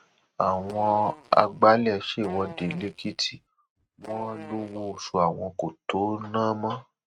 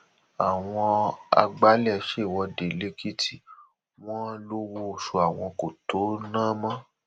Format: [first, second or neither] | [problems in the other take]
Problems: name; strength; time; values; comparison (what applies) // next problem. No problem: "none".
second | noise reduction (neural mask model RNNoise)